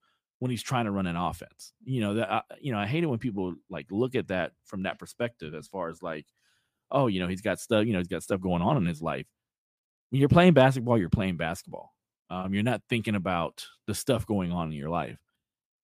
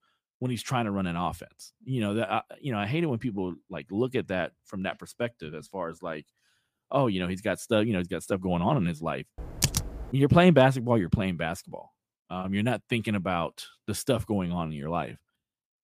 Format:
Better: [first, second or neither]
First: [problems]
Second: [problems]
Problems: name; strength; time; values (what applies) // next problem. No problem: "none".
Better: first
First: none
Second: keyboard typing; loud; at 9.5 s; peak 1 dB above the speech